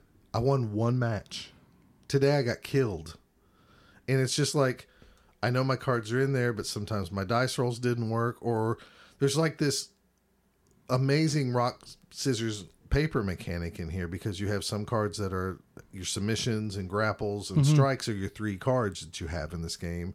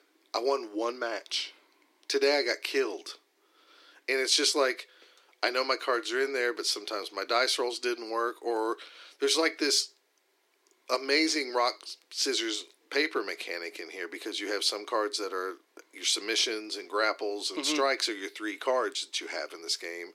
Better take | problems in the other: first | thin; very; fading below 300 Hz

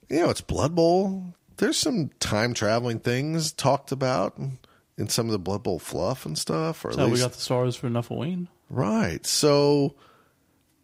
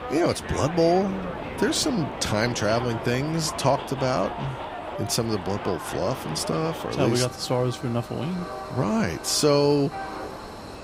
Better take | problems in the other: first | train or aircraft noise; loud; throughout; 10 dB below the speech

